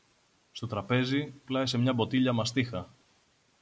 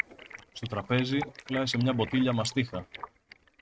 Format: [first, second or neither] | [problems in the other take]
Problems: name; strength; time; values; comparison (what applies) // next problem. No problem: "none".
first | noise reduction (neural mask model RNNoise)